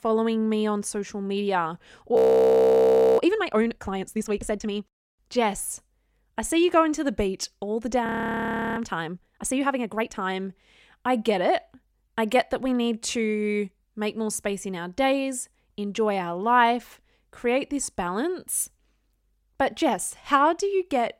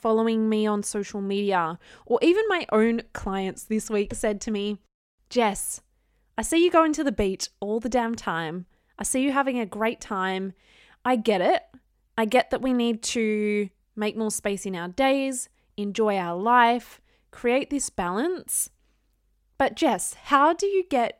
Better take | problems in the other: second | audio freezing; at 2 s for 1 s and at 8 s for 0.5 s

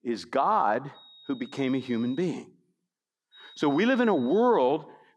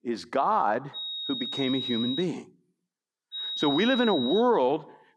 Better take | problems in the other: first | high-pitched whine; loud; from 1 to 2 s and from 3.5 to 4.5 s; 4 kHz, 5 dB below the speech; faint in the first

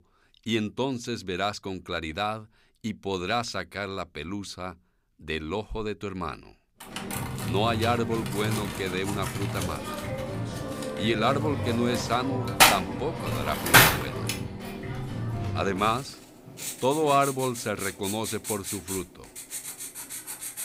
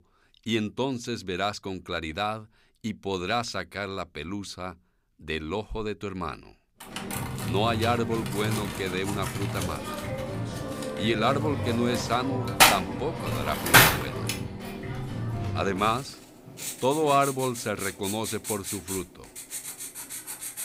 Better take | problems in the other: neither | household noises; very loud; from 7 s on; 2 dB above the speech; the same in both

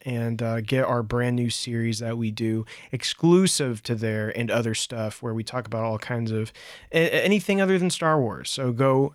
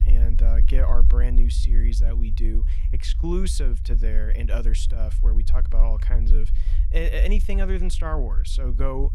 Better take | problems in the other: first | low rumble; noticeable; throughout; 10 dB below the speech

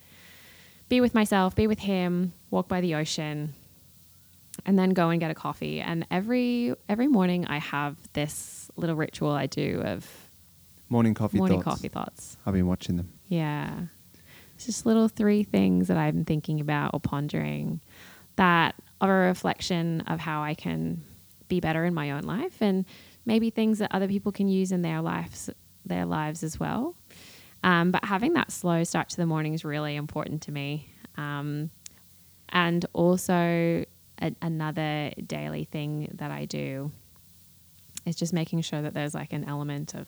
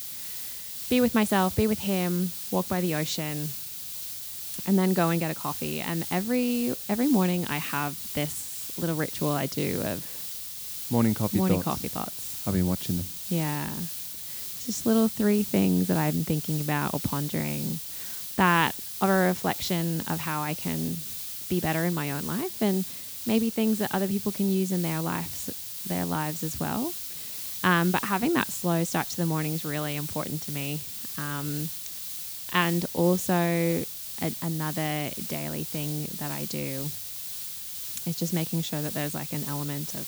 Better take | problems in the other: first | hiss; loud; throughout; 5 dB below the speech; faint in the first

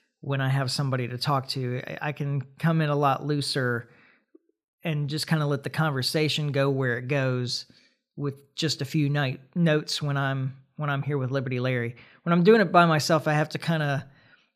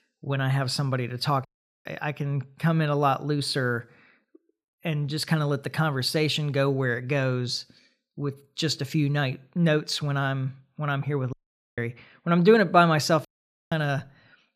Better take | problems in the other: first | audio cutting out; at 1.5 s, at 11 s and at 13 s

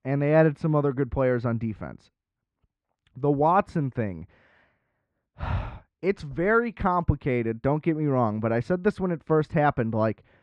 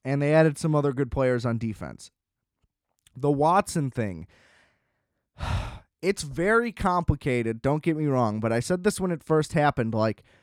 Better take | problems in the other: second | muffled; very; fading above 2 kHz

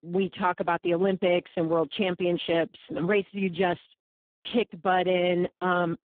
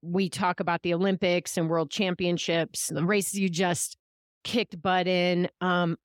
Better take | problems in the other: second | phone-call audio; poor line

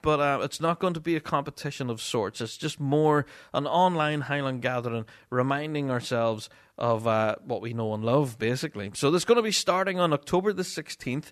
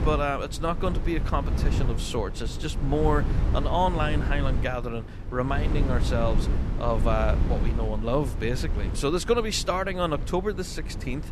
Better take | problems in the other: first | low rumble; noticeable; throughout; 10 dB below the speech

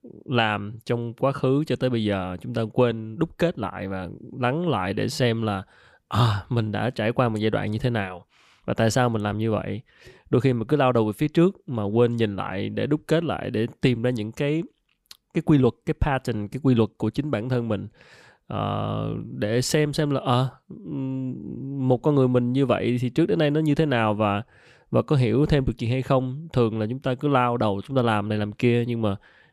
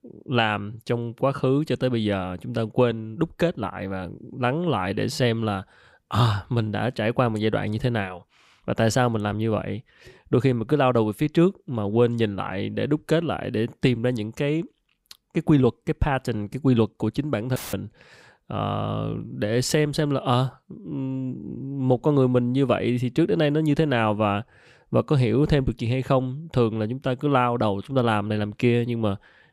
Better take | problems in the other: first | audio cutting out; filled with static; at 18 s

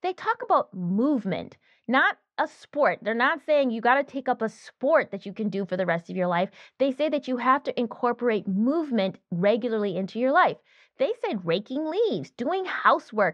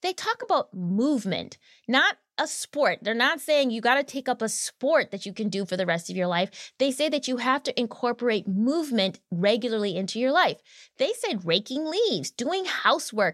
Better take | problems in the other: second | muffled; very; fading above 2 kHz

